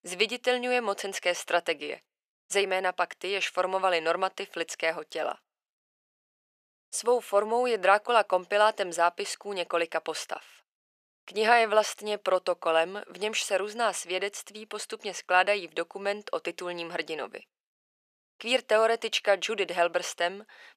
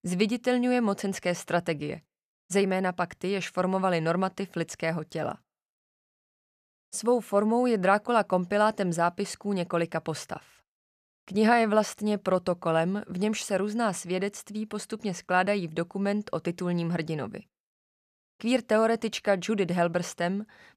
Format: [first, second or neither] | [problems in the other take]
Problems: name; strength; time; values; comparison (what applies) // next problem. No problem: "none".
second | thin; very; fading below 400 Hz